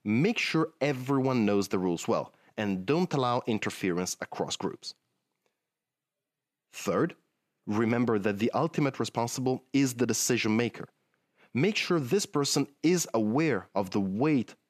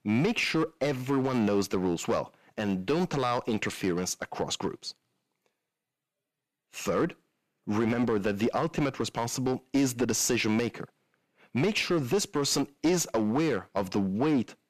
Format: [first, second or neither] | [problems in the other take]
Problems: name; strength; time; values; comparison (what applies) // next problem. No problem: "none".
first | distortion; slight; 5% of the sound clipped